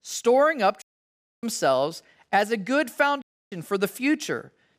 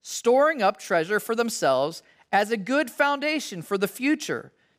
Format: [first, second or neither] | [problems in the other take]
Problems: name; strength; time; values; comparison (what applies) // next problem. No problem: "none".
second | audio cutting out; at 1 s for 0.5 s and at 3 s